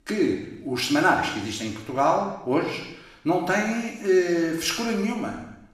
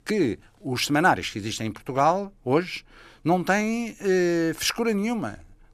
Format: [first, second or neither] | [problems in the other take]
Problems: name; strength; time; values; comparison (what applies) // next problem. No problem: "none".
second | room echo; noticeable; dies away in 0.8 s // off-mic speech; somewhat distant